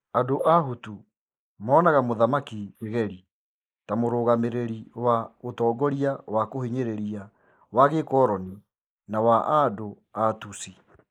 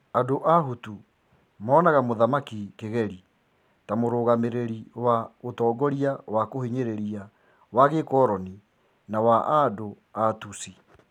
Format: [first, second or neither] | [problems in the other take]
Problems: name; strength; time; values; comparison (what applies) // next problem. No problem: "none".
second | noise reduction (neural mask model Resemble Enhance denoiser)